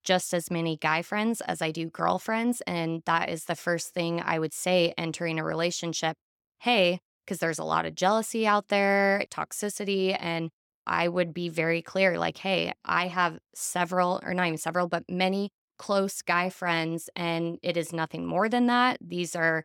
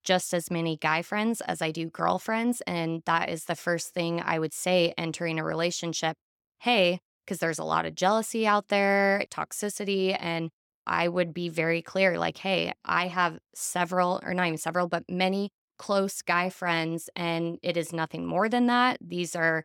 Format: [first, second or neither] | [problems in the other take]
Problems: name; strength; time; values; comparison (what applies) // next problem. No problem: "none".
neither | none